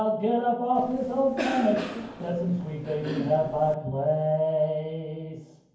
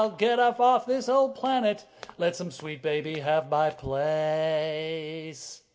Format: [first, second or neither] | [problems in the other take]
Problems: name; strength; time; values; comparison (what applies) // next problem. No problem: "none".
second | background sound (Cough); 9 dB below the speech // room echo; dies away in 0.9 s